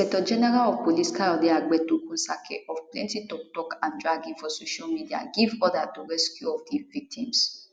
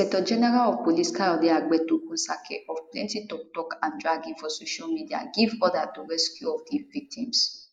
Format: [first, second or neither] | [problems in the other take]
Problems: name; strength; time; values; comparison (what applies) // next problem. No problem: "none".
first | noise reduction (neural mask model Resemble Enhance denoiser)